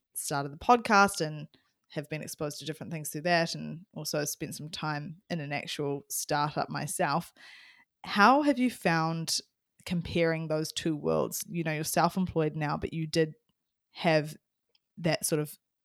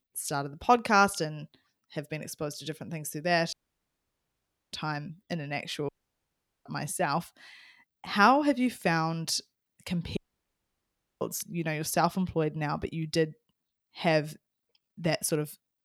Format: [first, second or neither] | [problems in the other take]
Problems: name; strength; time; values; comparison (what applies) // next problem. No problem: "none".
first | audio cutting out; at 3.5 s for 1 s, at 6 s for 1 s and at 10 s for 1 s